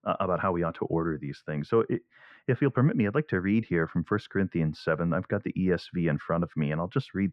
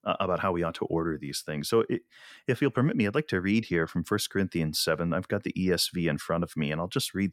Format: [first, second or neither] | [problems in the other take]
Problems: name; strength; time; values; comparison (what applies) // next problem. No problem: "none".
second | muffled; very; fading above 1.5 kHz